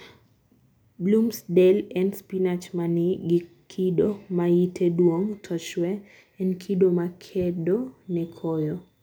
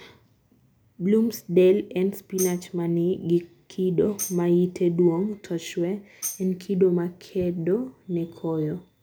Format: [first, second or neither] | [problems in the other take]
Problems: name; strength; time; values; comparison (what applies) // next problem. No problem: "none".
first | background sound (Tambourine); 15 dB below the speech